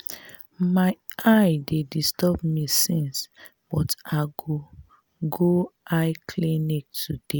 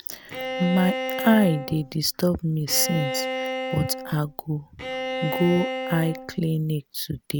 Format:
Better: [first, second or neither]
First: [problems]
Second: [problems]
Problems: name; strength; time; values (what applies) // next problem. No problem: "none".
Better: first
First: none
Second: background sound (Bowed string instrument); 6 dB below the speech